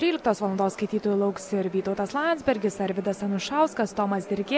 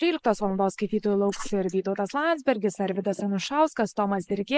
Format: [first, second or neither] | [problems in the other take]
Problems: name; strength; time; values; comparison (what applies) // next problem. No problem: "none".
first | noise reduction (neural mask model Resemble Enhance denoiser)